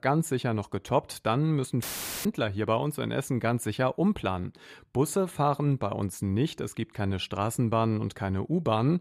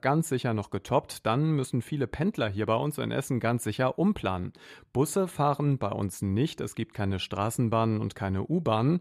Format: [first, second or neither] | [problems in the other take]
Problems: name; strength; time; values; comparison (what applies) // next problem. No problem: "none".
second | audio cutting out; filled with static; at 2 s